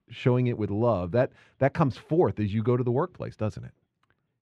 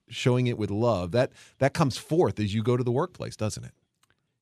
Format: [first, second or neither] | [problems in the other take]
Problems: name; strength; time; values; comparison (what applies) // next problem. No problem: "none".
second | muffled; very; fading above 4 kHz